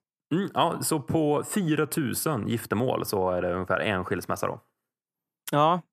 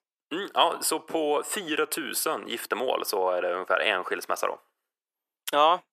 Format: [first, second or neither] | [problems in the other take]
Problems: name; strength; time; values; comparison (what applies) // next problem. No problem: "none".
first | thin; very; fading below 400 Hz